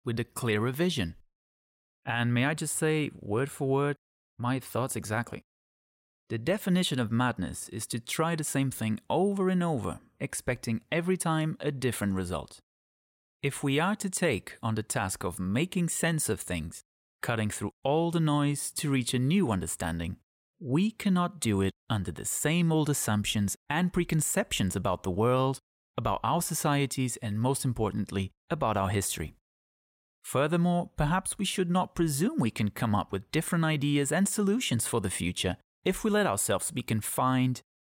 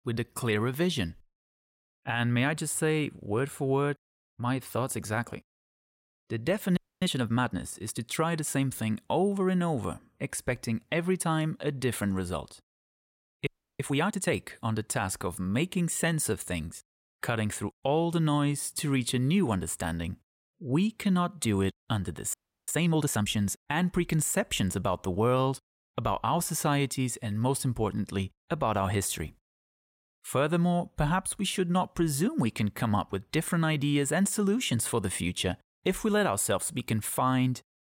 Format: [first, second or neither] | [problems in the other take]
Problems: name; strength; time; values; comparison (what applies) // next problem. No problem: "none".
first | audio freezing; at 7 s, at 13 s and at 22 s